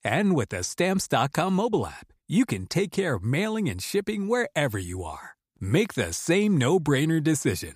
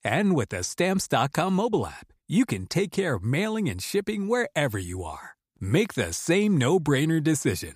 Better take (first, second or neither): neither